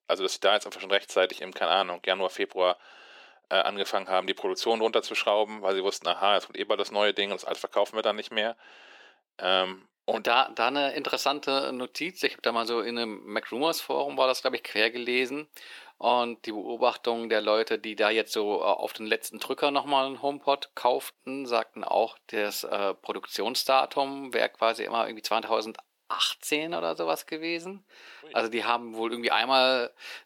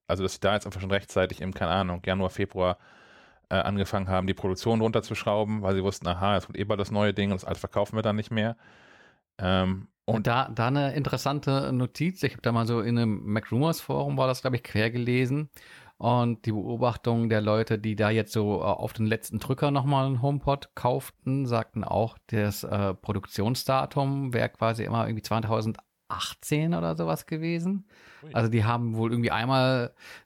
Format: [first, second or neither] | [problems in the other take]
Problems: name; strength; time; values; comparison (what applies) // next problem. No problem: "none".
second | thin; very; fading below 350 Hz